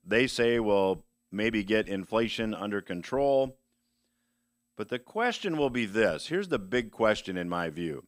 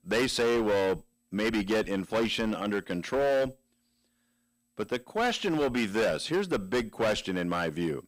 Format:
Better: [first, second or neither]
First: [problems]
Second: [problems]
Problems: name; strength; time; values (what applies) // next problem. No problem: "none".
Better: first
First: none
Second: distortion; heavy; 12% of the sound clipped